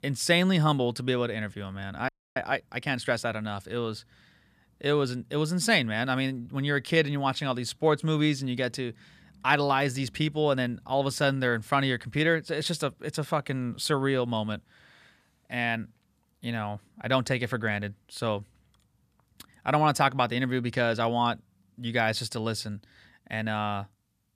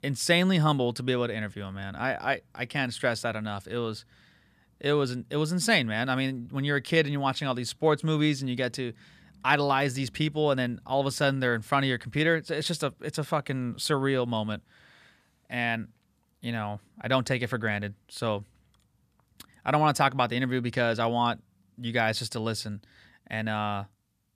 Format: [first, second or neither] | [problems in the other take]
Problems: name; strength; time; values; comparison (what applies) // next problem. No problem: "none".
second | audio freezing; at 2 s